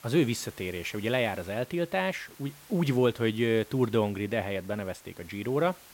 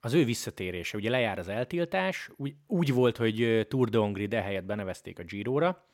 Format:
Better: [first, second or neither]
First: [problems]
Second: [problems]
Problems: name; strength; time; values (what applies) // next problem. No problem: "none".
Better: second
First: hiss; faint; throughout; 20 dB below the speech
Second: none